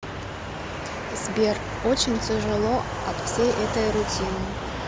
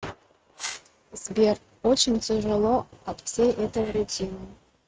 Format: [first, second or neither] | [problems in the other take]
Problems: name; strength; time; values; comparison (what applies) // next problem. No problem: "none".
first | noise reduction (neural mask model RNNoise)